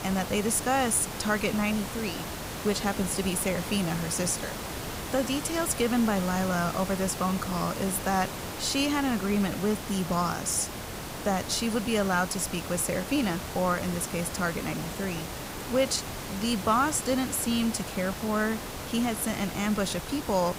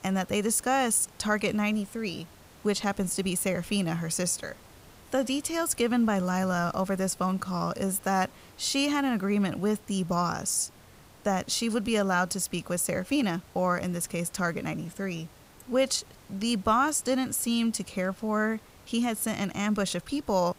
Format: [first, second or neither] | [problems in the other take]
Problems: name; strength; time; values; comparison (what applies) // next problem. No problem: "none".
second | hiss; loud; throughout; 7 dB below the speech; faint in the second